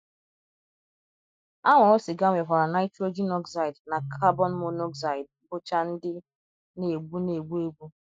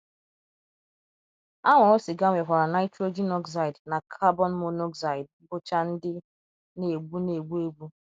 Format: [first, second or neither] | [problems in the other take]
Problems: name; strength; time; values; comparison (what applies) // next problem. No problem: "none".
second | noise reduction (classical method Wiener filter)